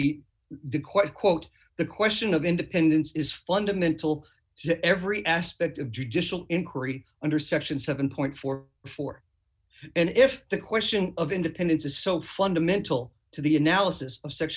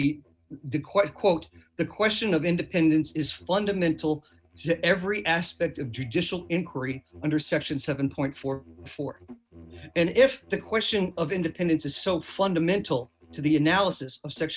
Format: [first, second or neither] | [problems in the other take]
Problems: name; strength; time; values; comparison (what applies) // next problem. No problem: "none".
first | noise reduction (neural mask model RNNoise)